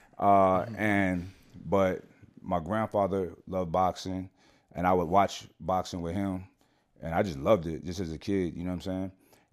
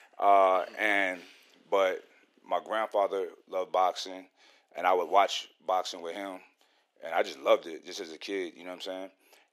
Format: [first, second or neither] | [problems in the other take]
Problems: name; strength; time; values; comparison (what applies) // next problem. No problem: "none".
first | thin; very; fading below 350 Hz